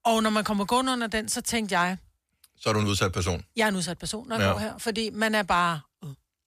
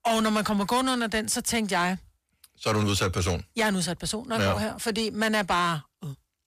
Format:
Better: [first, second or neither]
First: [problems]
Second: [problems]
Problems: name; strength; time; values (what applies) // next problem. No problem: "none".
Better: first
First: none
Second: distortion; slight; 10 dB below the speech